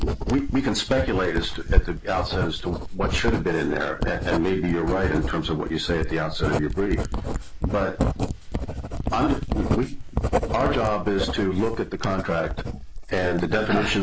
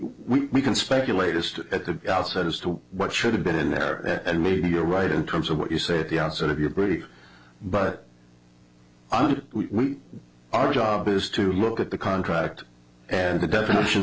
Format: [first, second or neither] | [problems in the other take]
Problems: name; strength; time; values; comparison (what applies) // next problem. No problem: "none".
second | noise reduction (neural mask model Resemble Enhance denoiser)